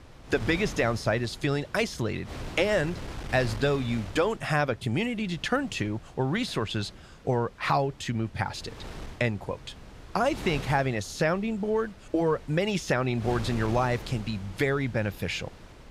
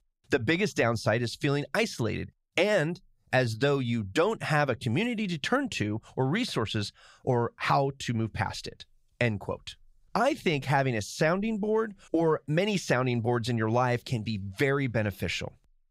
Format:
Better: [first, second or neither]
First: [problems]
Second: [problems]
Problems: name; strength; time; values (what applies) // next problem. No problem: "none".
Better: second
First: wind noise on the microphone; occasional gusts; 15 dB below the speech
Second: none